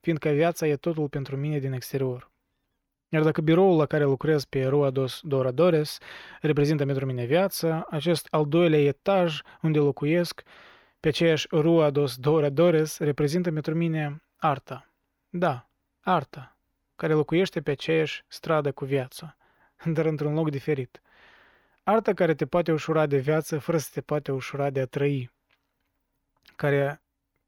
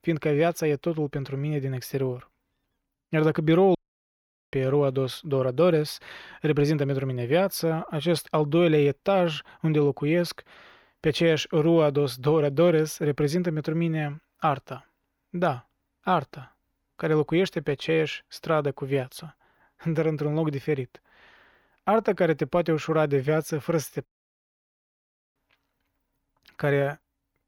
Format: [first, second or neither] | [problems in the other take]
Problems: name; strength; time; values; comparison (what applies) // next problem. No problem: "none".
first | audio cutting out; at 4 s for 1 s and at 24 s for 1.5 s